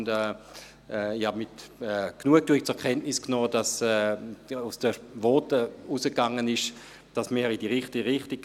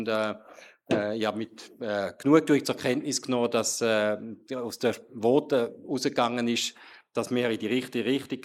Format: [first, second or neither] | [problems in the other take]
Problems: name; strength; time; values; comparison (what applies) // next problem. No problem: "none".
first | noise reduction (neural mask model Resemble Enhance denoiser)